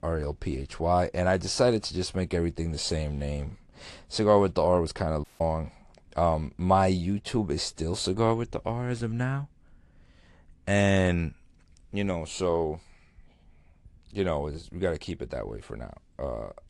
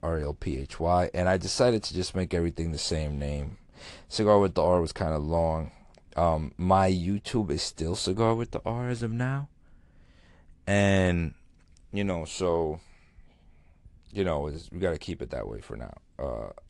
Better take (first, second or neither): second